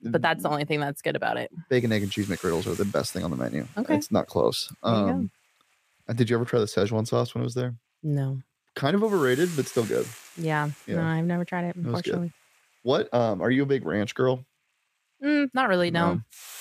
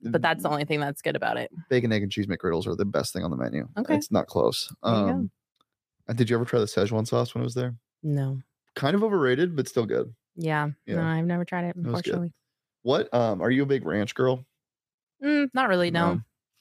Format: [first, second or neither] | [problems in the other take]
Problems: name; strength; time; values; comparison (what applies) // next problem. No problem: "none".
second | hiss; noticeable; throughout; 15 dB below the speech